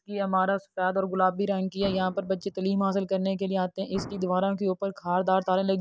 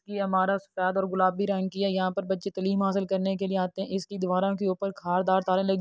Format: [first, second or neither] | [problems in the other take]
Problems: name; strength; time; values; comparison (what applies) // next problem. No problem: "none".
second | background sound (Explosion); 16 dB below the speech